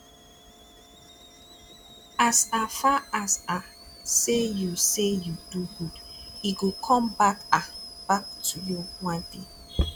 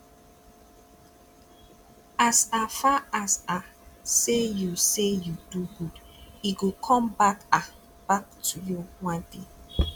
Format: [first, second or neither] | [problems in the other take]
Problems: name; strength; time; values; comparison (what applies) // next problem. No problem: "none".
second | background sound (Boiling / Alarm); 18 dB below the speech